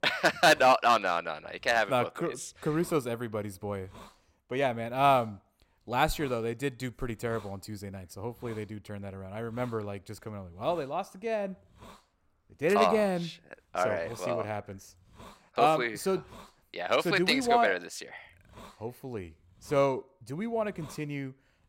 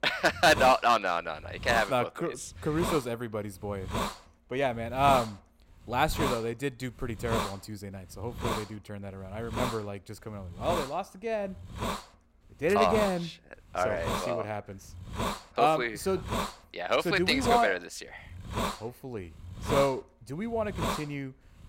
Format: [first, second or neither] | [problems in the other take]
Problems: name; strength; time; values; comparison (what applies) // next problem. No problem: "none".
first | hiss; loud; throughout; 7 dB below the speech; faint in the first